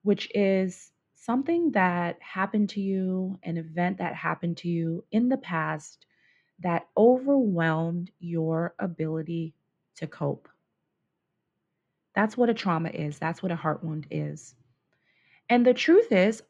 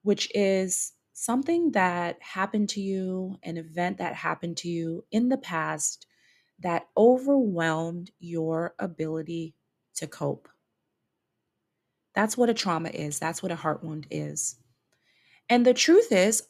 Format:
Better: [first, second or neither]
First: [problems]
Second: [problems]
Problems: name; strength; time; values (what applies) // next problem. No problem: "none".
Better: second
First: muffled; slightly; fading above 2.5 kHz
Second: none